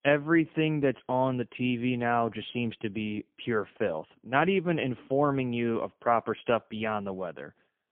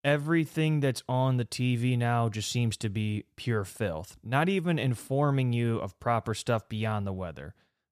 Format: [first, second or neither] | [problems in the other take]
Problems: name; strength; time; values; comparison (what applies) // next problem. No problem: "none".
second | phone-call audio; poor line; nothing above 3.5 kHz